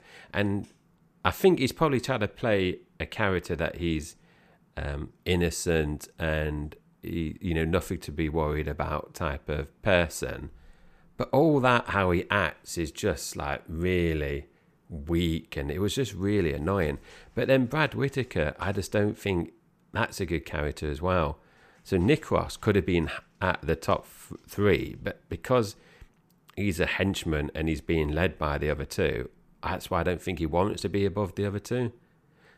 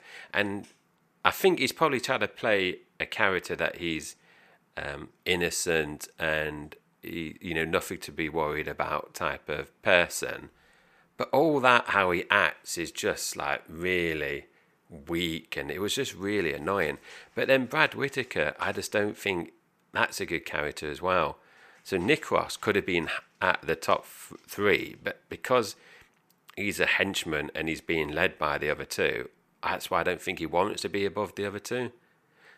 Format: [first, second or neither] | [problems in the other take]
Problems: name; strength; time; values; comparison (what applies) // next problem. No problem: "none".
first | thin; somewhat; fading below 550 Hz